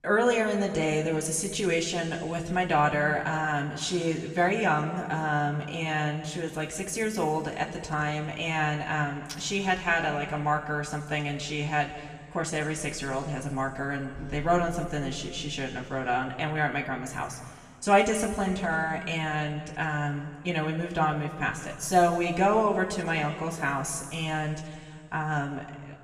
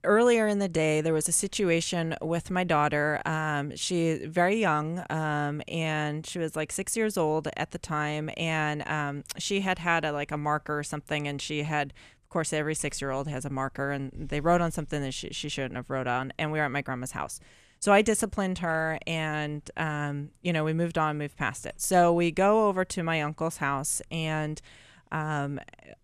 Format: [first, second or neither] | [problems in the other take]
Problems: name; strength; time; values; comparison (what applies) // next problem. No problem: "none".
second | room echo; slight; dies away in 1.9 s // off-mic speech; somewhat distant